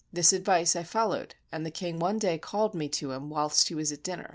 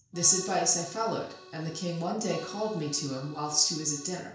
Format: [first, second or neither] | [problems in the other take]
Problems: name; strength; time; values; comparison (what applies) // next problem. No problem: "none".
first | background sound (Accordion); 18 dB below the speech // room echo; dies away in 0.5 s